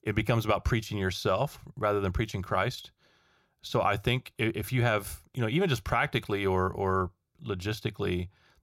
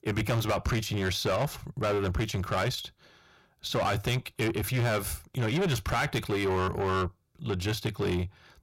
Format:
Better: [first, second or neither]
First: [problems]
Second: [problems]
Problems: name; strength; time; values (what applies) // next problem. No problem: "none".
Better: first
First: none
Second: distortion; heavy; 8 dB below the speech